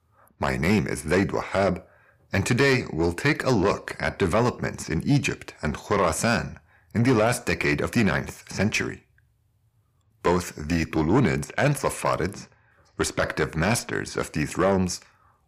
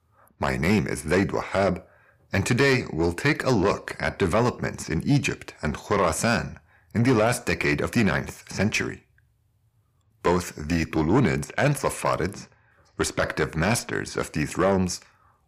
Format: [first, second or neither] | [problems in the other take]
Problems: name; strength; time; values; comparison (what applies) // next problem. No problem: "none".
neither | distortion; slight; 10 dB below the speech; the same in both